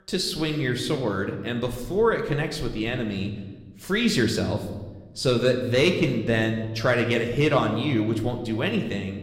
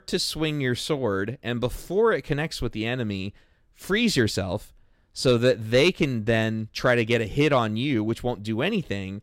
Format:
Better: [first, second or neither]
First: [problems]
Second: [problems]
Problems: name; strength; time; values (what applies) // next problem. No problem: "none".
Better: second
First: room echo; slight; dies away in 1 s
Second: none